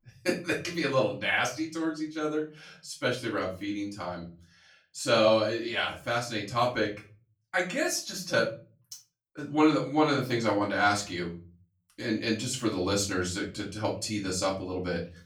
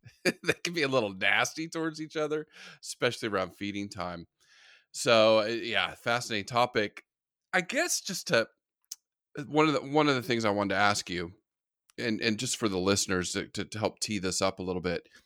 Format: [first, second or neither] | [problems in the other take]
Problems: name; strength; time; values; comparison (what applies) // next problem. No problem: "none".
second | off-mic speech; far // room echo; slight; dies away in 0.4 s